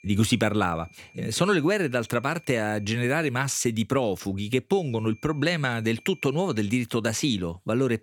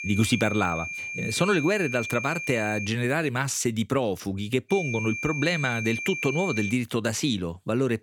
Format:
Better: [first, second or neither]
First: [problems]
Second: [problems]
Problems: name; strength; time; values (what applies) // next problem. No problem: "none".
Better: first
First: high-pitched whine; faint; until 3 s and from 4.5 to 6.5 s; 2.5 kHz, 25 dB below the speech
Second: high-pitched whine; loud; until 3 s and from 4.5 to 6.5 s; 2.5 kHz, 5 dB below the speech